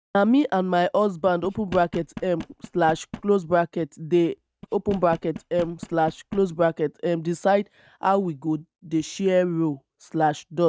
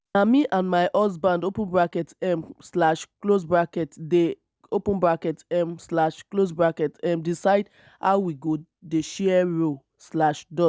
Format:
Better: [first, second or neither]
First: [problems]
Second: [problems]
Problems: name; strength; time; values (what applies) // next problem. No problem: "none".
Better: second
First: noise reduction (neural mask model RNNoise)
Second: none